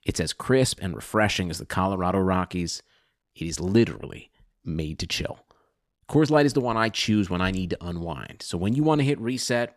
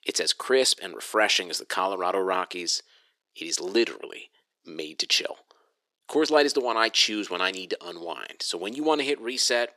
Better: first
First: none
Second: thin; somewhat; fading below 350 Hz

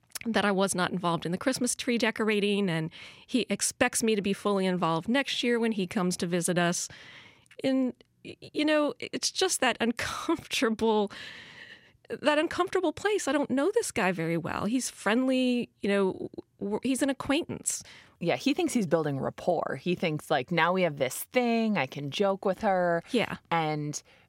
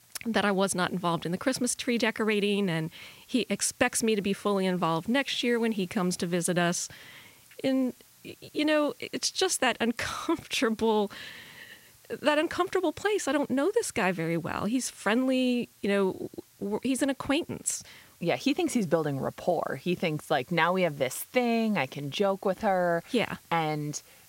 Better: first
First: none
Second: hiss; faint; throughout; 25 dB below the speech

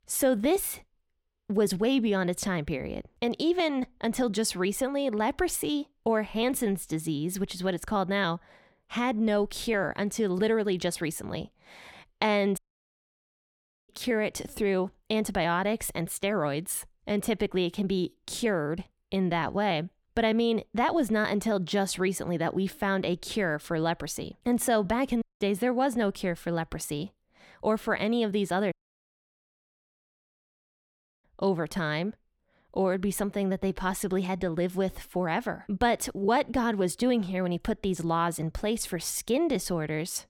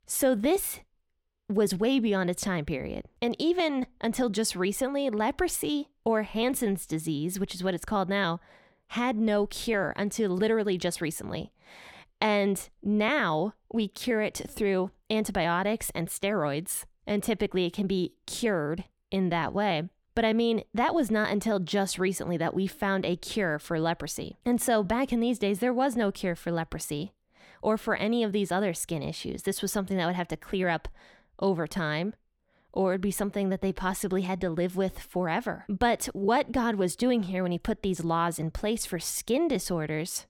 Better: second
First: audio cutting out; at 13 s for 1.5 s, at 25 s and at 29 s for 2.5 s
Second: none

